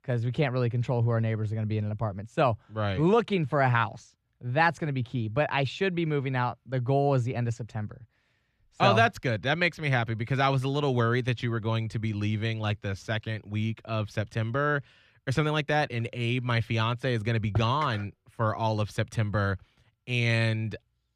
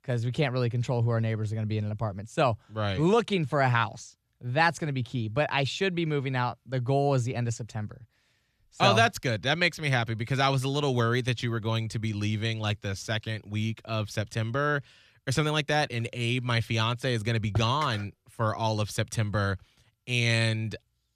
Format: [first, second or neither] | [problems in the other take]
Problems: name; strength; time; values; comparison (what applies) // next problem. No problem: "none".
second | muffled; very slightly; fading above 3.5 kHz